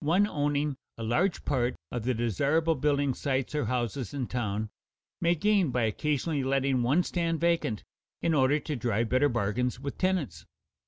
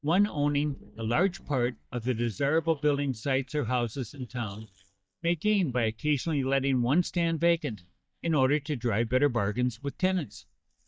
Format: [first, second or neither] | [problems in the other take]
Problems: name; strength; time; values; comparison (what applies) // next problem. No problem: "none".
first | noise reduction (neural mask model DeepFilterNet 3)